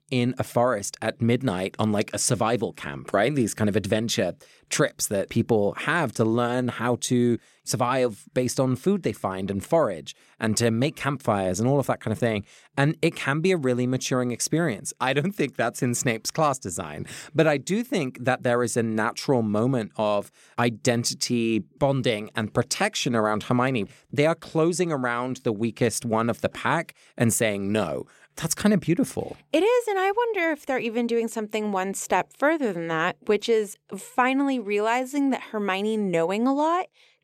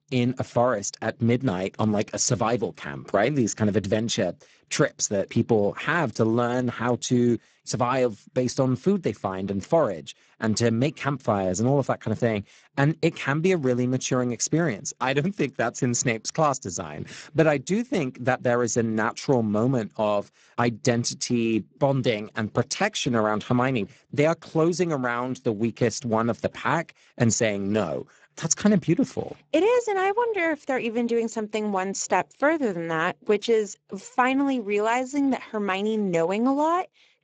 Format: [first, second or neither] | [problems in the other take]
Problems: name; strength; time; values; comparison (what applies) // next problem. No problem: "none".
first | garbled, watery; badly; nothing above 7.5 kHz